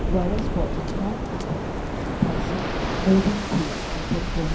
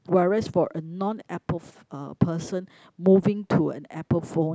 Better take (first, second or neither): second